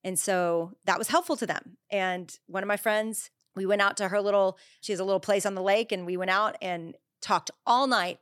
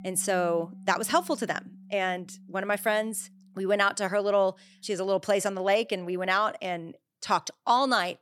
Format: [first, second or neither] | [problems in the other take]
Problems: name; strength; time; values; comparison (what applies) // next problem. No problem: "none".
first | background music; faint; until 6.5 s; 20 dB below the speech